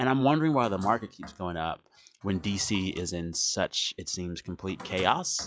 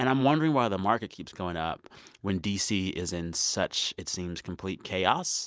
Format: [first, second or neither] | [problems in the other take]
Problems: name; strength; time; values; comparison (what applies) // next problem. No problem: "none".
second | noise reduction (classical method log-MMSE)